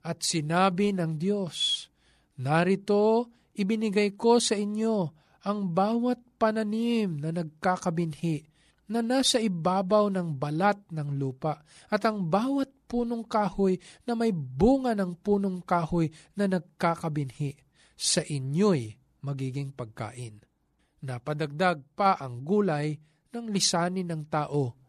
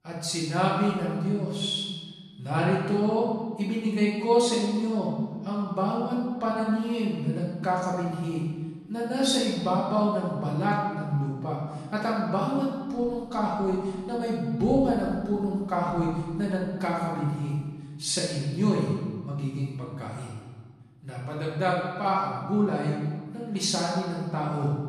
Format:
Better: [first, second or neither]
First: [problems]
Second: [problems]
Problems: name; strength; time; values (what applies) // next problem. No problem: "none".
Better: first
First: none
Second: off-mic speech; far // room echo; noticeable; dies away in 1.4 s